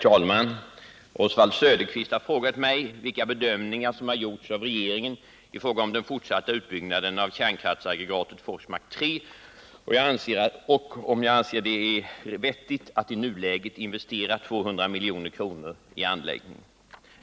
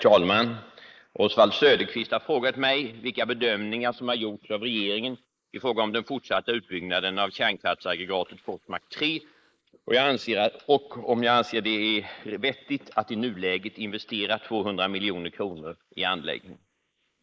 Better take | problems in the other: first | noise reduction (neural mask model Resemble Enhance denoiser)

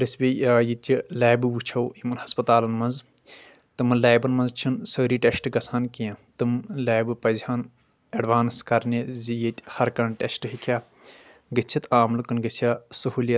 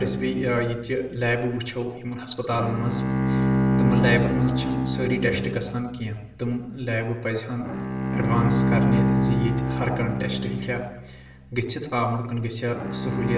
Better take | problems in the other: first | background sound (Bowed string instrument); 1 dB above the speech // room echo; dies away in 0.8 s

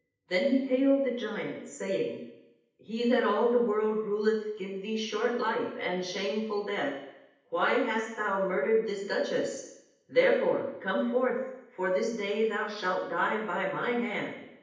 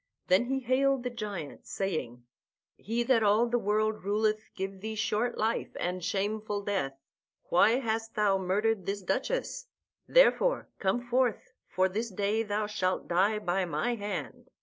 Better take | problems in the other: second | room echo; dies away in 0.9 s

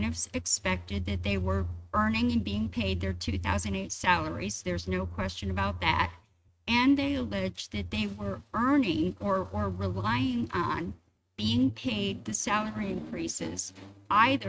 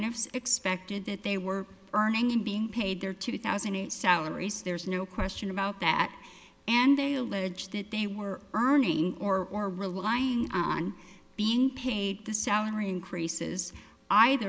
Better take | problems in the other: second | noise reduction (neural mask model RNNoise)

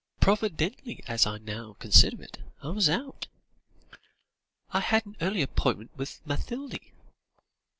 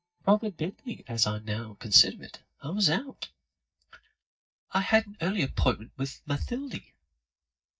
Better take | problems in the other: first | noise reduction (neural mask model DeepFilterNet 3)

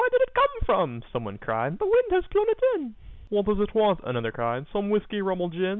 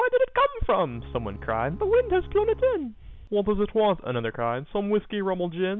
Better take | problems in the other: first | background sound (Bowed string instrument); 16 dB below the speech

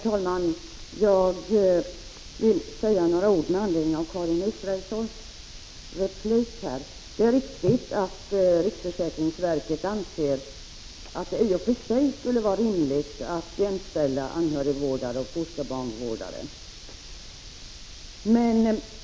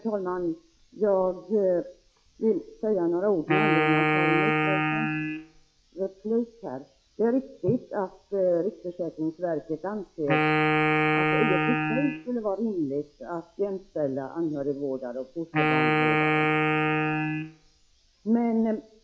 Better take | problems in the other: first | noise reduction (classical method log-MMSE)

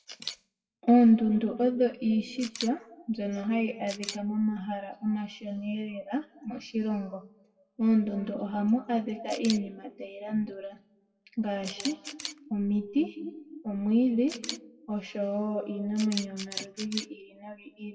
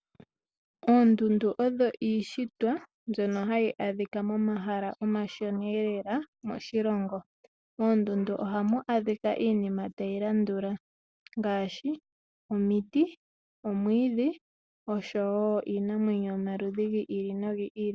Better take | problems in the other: second | noise reduction (classical method WPE with log-MMSE)

